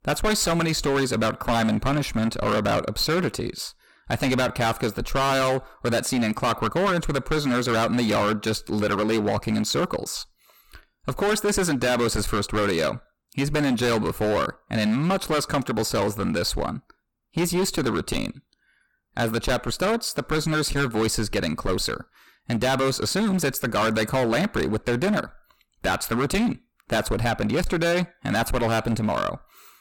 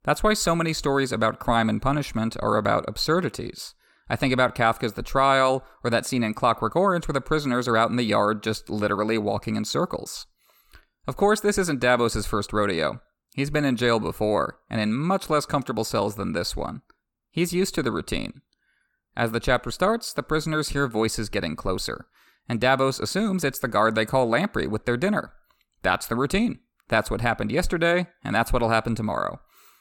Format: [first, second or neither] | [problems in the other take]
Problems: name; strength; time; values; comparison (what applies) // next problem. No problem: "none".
second | distortion; heavy; 17% of the sound clipped